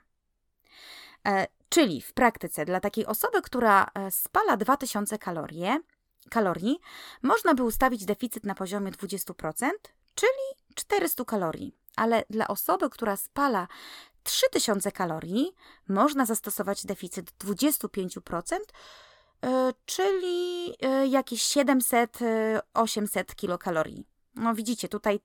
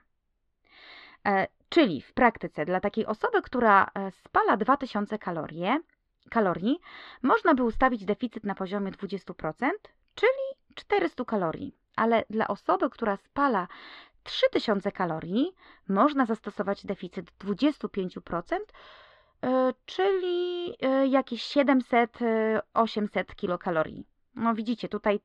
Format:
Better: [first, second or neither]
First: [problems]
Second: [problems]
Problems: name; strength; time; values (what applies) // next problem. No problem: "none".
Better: first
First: none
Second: muffled; slightly; fading above 3.5 kHz